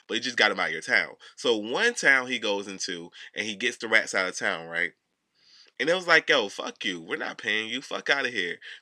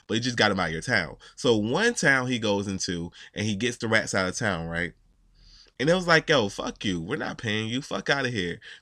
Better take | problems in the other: second | thin; somewhat; fading below 350 Hz

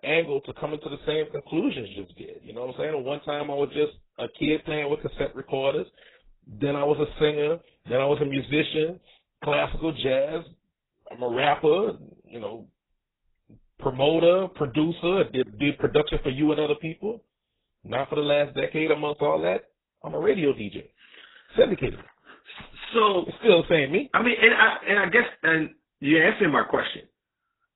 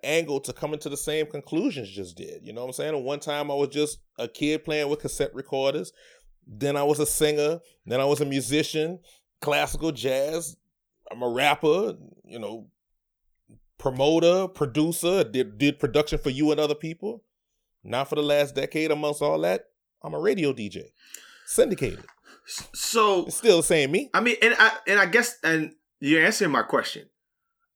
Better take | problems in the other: second | garbled, watery; badly; nothing above 4 kHz

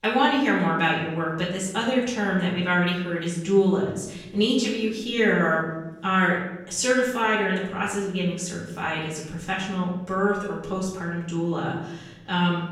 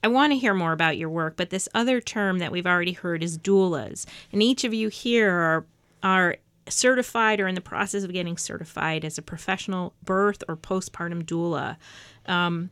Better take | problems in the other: second | off-mic speech; far // room echo; noticeable; dies away in 0.8 s

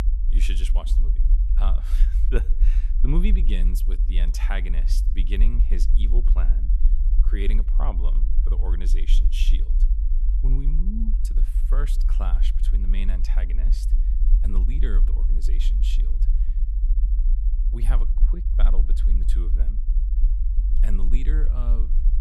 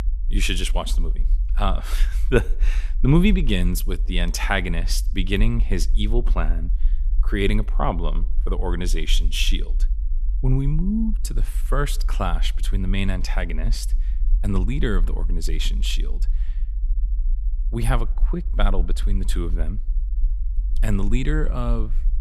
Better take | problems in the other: second | low rumble; loud; throughout; 8 dB below the speech; faint in the second

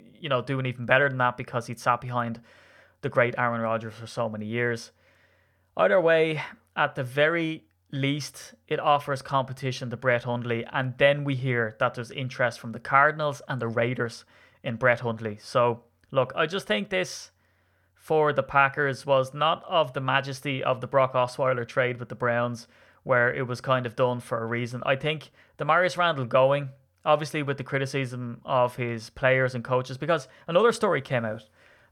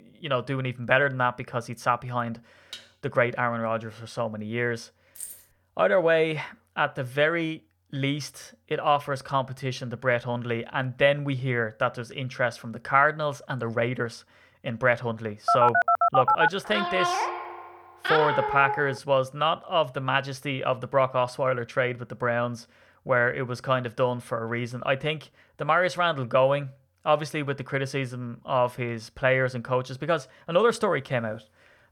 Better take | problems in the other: first | clattering dishes; faint; at 2.5 s; peak 15 dB below the speech // jangling keys; faint; at 5 s; peak 10 dB below the speech // phone ringing; loud; from 15 to 19 s; peak 5 dB above the speech

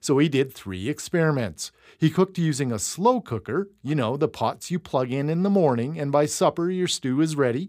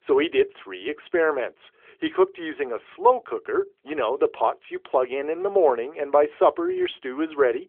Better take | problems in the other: first | phone-call audio; nothing above 3.5 kHz

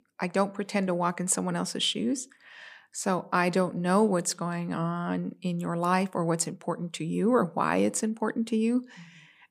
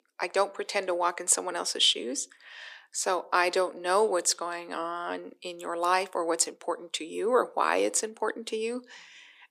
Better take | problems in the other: first | thin; very; fading below 350 Hz

